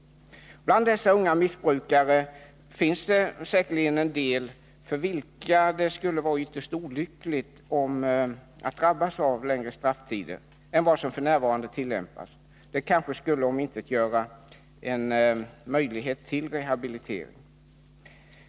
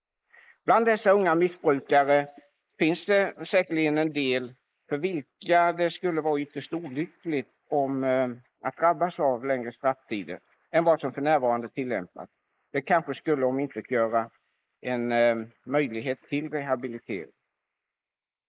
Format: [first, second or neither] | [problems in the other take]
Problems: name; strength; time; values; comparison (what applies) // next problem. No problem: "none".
first | noise reduction (neural mask model Resemble Enhance denoiser)